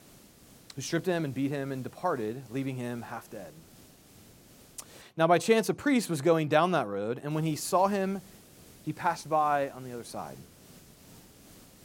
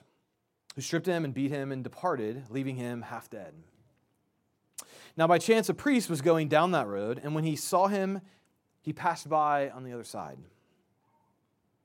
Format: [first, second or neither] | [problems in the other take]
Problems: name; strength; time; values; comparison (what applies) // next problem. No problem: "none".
second | hiss; faint; until 5 s and from 7.5 s on; 25 dB below the speech